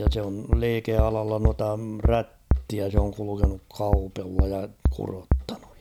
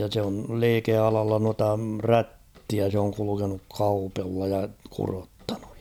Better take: second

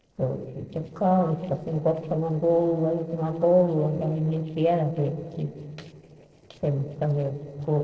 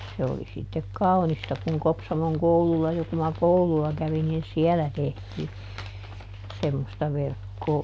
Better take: second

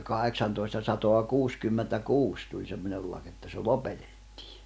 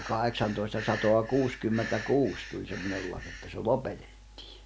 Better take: first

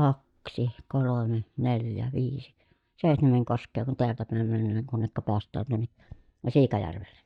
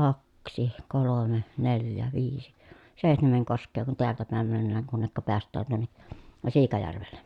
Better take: second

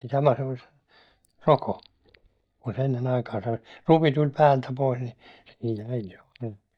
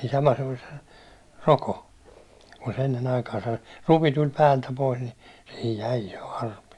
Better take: second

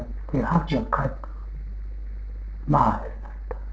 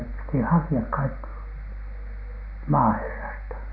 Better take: second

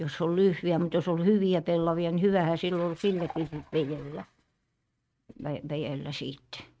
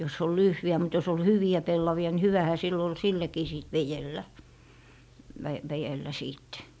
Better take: second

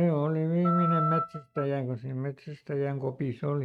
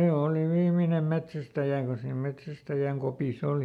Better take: second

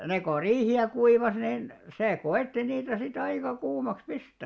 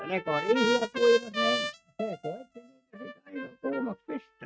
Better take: first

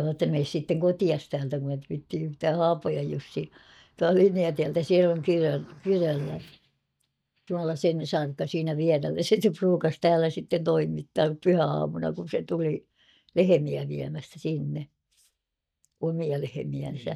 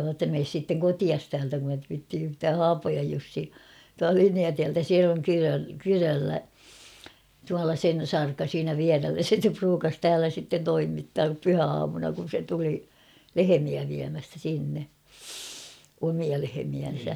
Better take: second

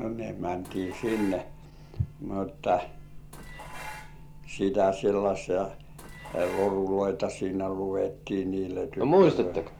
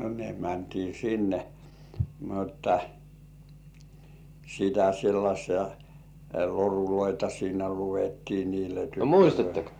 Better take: second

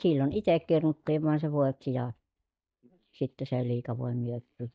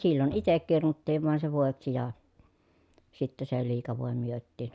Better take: second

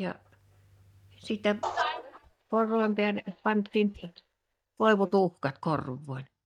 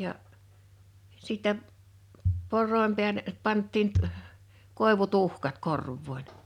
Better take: second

